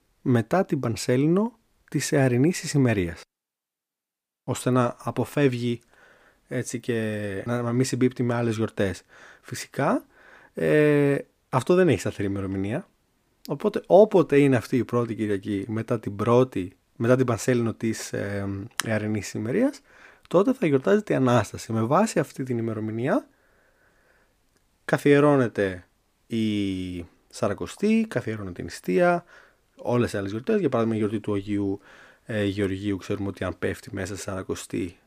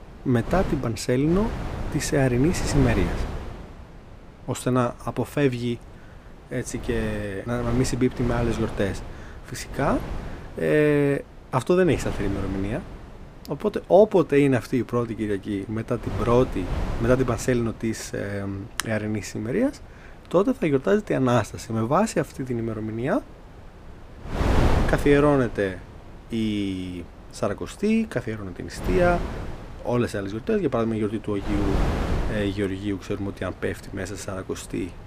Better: first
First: none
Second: wind noise on the microphone; heavy; 10 dB below the speech

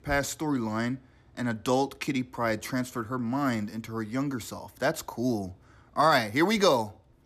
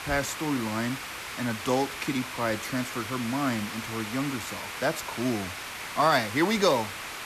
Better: first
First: none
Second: hiss; loud; throughout; 7 dB below the speech

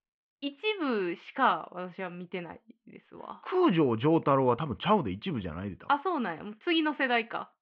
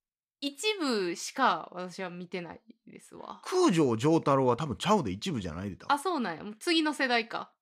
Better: second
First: muffled; very; fading above 3 kHz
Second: none

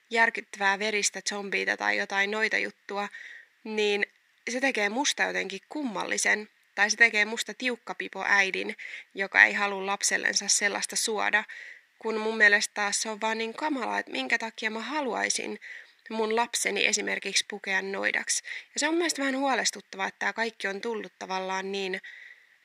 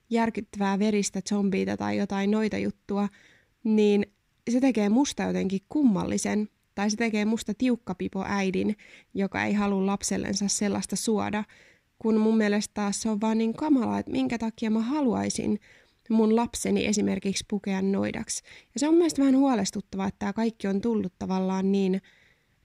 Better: second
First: thin; very; fading below 550 Hz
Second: none

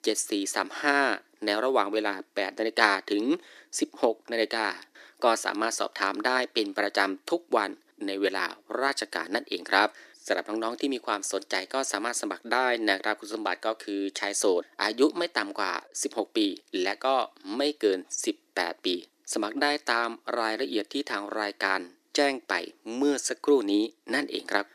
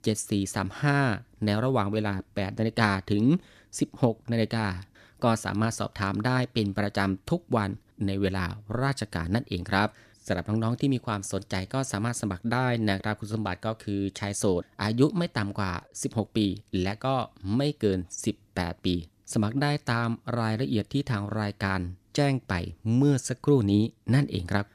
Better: second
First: thin; somewhat; fading below 300 Hz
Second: none

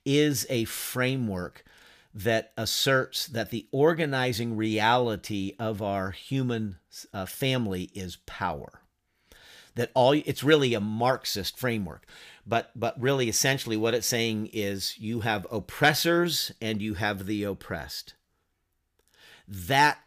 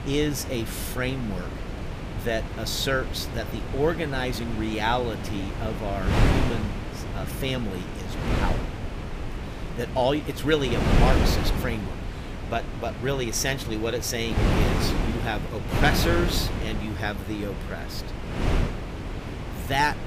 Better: first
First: none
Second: wind noise on the microphone; heavy; 5 dB below the speech

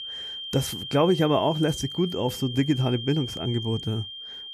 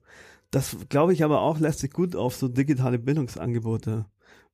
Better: second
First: high-pitched whine; loud; throughout; 3 kHz, 8 dB below the speech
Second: none

